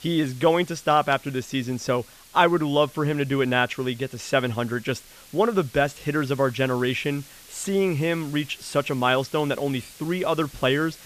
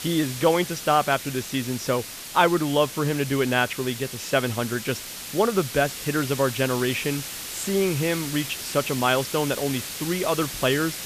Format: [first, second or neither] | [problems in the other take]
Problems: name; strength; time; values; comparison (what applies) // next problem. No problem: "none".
first | hiss; loud; throughout; 8 dB below the speech; faint in the first